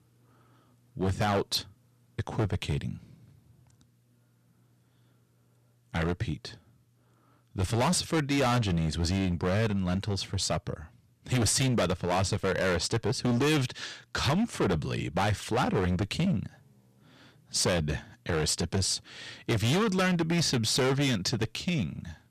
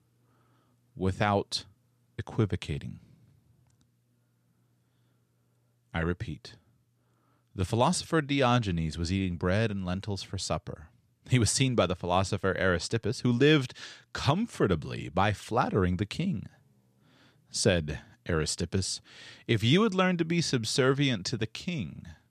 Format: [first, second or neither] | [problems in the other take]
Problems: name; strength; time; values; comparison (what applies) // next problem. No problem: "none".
second | distortion; heavy; 13% of the sound clipped